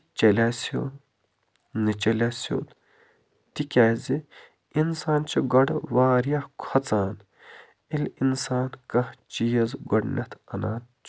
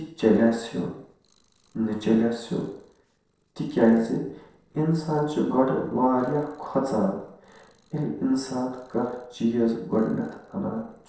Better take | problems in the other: first | noise reduction (neural separator model SepFormer DNS4)

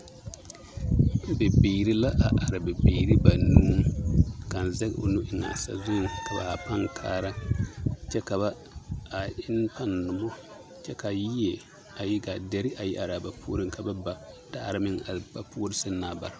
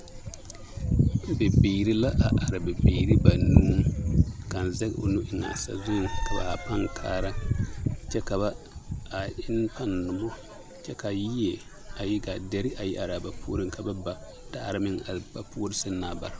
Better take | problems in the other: first | background sound (Frog); 12 dB below the speech

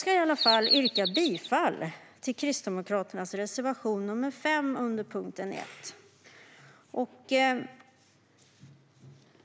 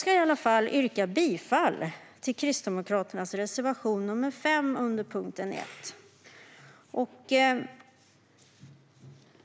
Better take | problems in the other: second | background sound (Bird vocalization, bird call, bird song); 2 dB above the speech

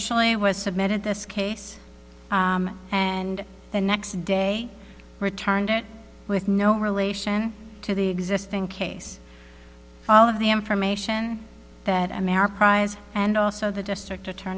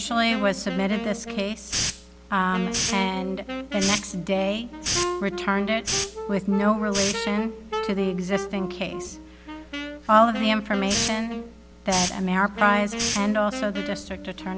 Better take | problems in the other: first | background sound (Hiss + Wind instrument, woodwind instrument); 6 dB below the speech

